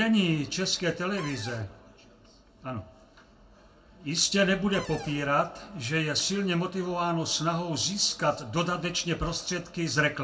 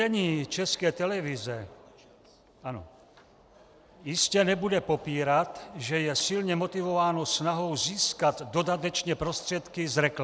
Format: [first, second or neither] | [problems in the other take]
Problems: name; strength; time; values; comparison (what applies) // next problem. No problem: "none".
second | background sound (Cupboard open or close); 14 dB below the speech // room echo; dies away in 0.2 s